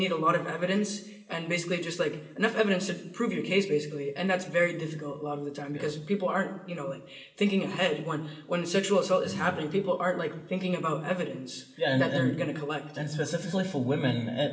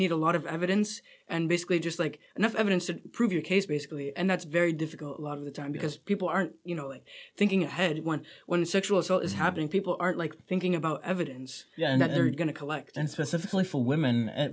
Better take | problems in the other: second | room echo; dies away in 0.8 s

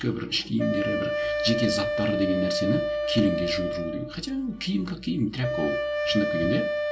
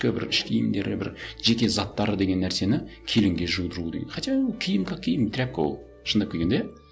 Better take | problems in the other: second | background sound (Wind instrument, woodwind instrument); 1 dB below the speech // room echo; dies away in 0.2 s

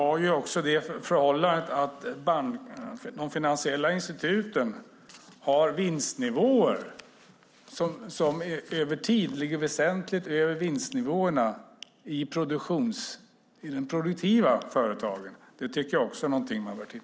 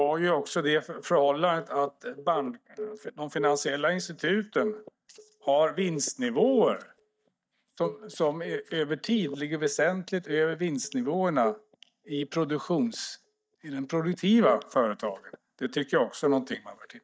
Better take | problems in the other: first | noise reduction (neural mask model DeepFilterNet 3)

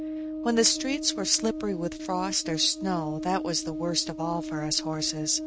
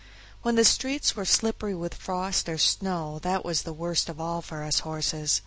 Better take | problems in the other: second | noise reduction (neural mask model RNNoise)

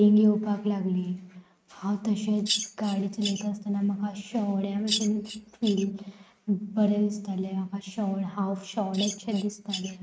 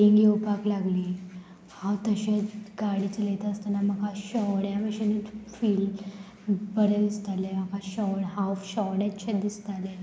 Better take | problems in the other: second | noise reduction (neural mask model RNNoise)

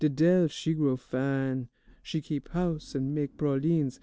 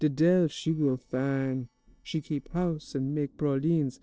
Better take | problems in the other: first | noise reduction (neural separator model SepFormer DNS4)

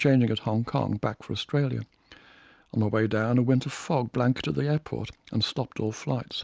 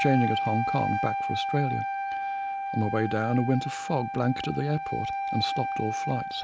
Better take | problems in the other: first | background sound (Wind instrument, woodwind instrument); 2 dB below the speech

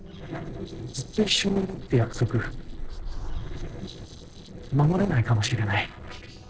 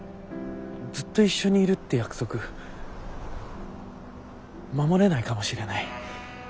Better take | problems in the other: second | noise reduction (neural separator model SepFormer DNS4)

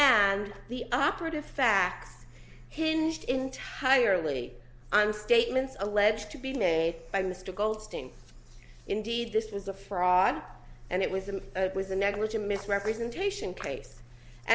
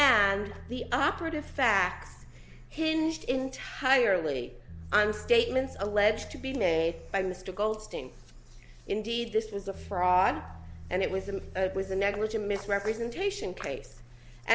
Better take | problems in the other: first | background sound (Bass guitar); 19 dB below the speech

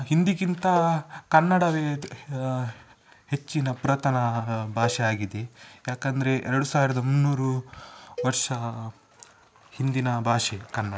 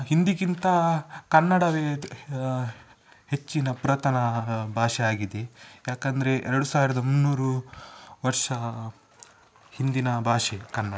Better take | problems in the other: second | background sound (Cowbell); 16 dB below the speech

